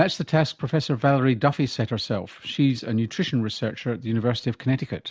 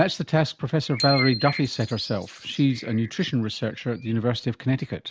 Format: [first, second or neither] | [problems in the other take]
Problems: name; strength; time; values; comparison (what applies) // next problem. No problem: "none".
first | background sound (Bicycle bell + Bird); 10 dB below the speech